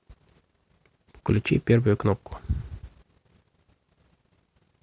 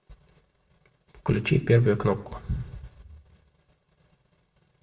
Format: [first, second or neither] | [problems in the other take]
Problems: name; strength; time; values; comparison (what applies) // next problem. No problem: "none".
first | room echo; dies away in 0.6 s